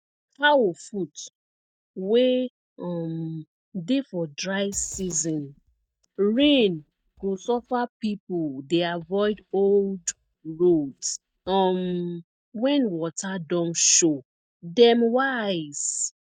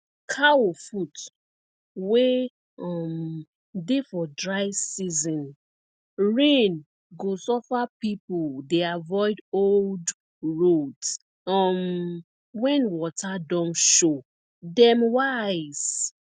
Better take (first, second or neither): second